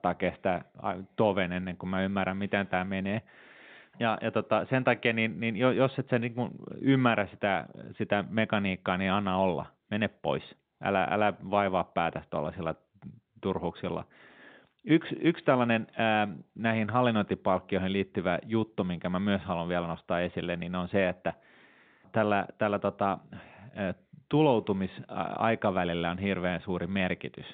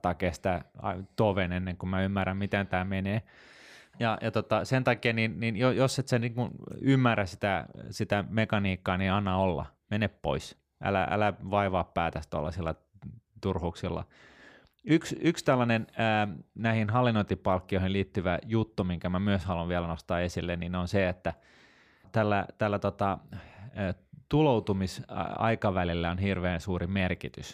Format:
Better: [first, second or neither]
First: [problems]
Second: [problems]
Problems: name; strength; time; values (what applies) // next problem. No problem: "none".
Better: second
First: phone-call audio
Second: none